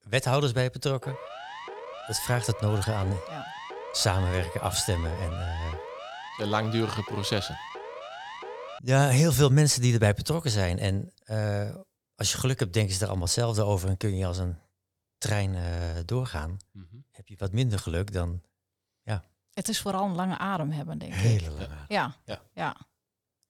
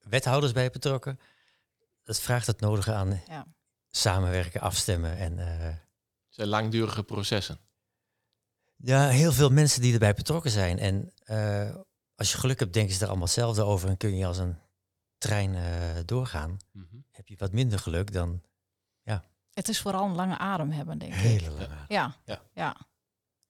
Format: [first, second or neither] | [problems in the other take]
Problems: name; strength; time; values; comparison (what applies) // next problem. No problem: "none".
second | siren; faint; from 1 to 9 s; peak 10 dB below the speech